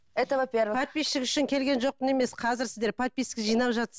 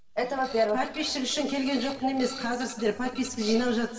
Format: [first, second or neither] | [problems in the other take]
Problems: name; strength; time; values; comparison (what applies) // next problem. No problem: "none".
first | background sound (Printer); 16 dB below the speech // room echo; dies away in 2.5 s